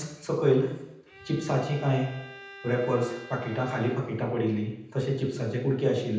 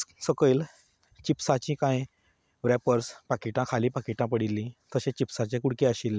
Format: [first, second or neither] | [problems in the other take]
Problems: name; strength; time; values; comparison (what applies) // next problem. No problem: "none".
second | background sound (Bowed string instrument); 18 dB below the speech // room echo; dies away in 0.9 s